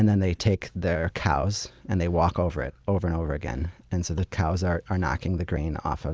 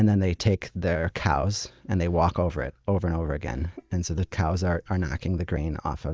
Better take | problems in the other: first | noise reduction (neural mask model DeepFilterNet 3)

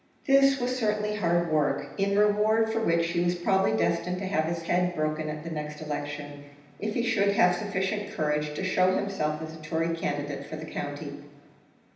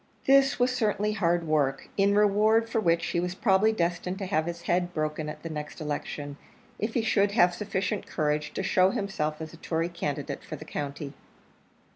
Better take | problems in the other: second | room echo; dies away in 0.9 s

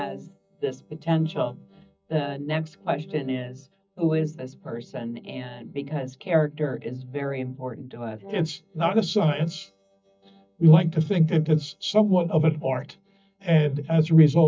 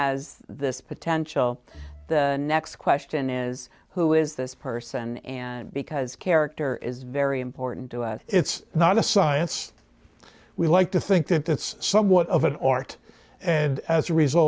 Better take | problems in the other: second | noise reduction (neural mask model DeepFilterNet 3)

